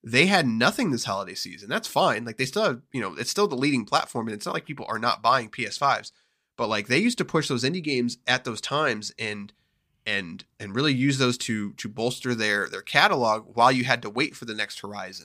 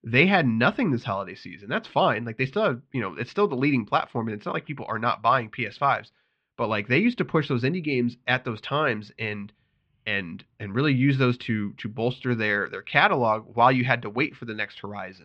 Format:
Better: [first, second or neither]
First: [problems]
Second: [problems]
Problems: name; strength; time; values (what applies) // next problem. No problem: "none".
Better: first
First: none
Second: muffled; very; fading above 3 kHz